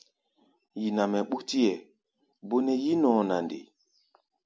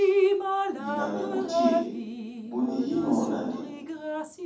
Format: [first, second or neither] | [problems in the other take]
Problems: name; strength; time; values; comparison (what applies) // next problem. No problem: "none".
first | background sound (Drip); 3 dB above the speech // room echo; dies away in 1.2 s